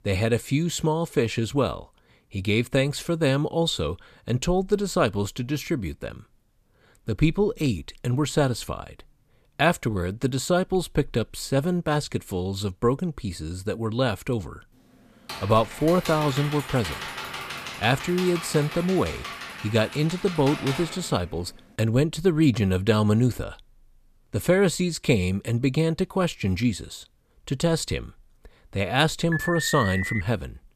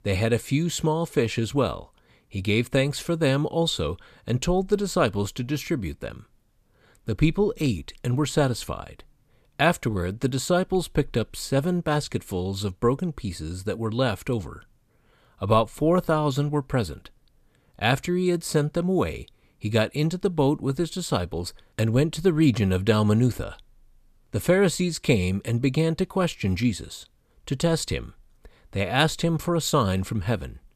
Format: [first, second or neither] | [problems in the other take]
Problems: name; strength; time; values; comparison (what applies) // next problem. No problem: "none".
second | keyboard typing; noticeable; from 15 to 21 s; peak 7 dB below the speech // alarm; noticeable; at 29 s; peak 4 dB below the speech